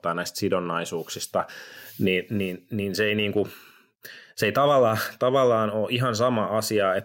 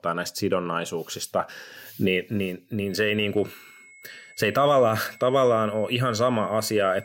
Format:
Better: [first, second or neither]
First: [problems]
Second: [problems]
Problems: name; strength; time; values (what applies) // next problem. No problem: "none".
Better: first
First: none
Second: high-pitched whine; faint; from 3 s on; 2 kHz, 25 dB below the speech